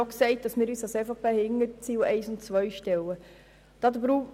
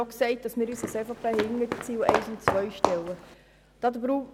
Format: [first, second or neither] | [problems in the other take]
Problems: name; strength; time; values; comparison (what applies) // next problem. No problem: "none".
first | background sound (Walk, footsteps); 1 dB below the speech